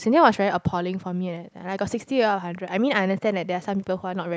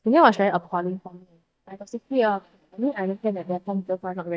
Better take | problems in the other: first | noise reduction (neural mask model DeepFilterNet 3)

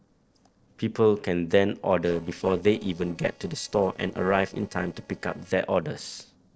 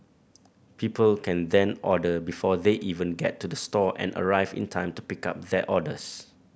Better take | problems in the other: second | noise reduction (neural separator model SepFormer DNS4)

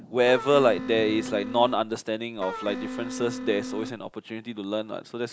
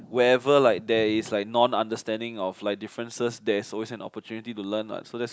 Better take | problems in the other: second | background sound (Wind instrument, woodwind instrument); 9 dB below the speech

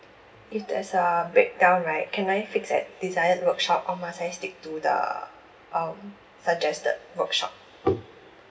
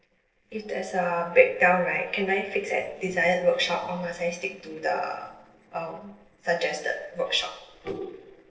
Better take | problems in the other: first | noise reduction (neural separator model SepFormer DNS4)

